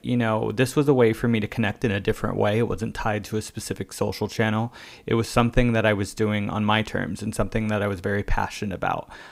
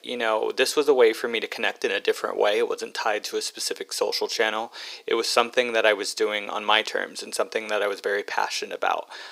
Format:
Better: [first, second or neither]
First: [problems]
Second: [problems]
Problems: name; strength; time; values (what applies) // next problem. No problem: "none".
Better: first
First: none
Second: thin; very; fading below 400 Hz